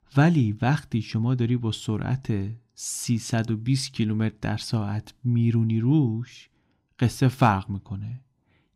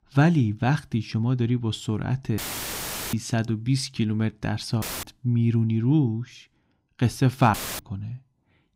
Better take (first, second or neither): first